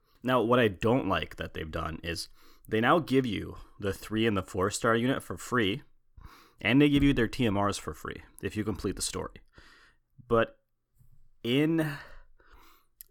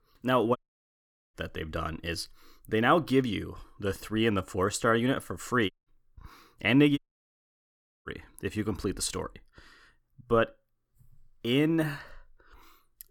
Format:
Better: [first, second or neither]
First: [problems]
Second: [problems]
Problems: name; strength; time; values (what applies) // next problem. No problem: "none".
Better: first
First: none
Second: audio cutting out; at 0.5 s for 1 s, at 5.5 s and at 7 s for 1 s